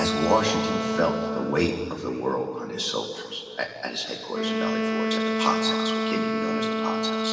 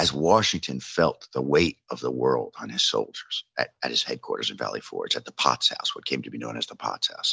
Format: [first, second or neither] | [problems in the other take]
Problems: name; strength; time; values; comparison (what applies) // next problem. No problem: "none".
second | background sound (Wind instrument, woodwind instrument); as loud as the speech // room echo; dies away in 2.4 s